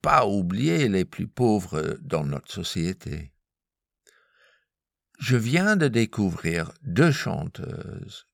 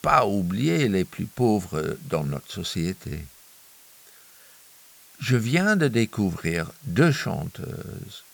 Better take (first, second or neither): first